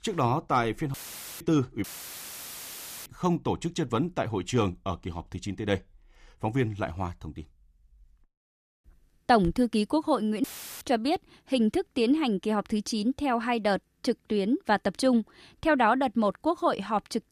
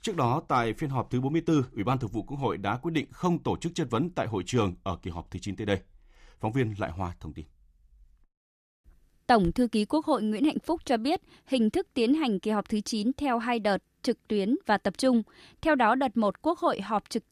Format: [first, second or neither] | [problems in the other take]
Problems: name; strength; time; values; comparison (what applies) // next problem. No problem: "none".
second | audio cutting out; filled with static; at 1 s, at 2 s for 1 s and at 10 s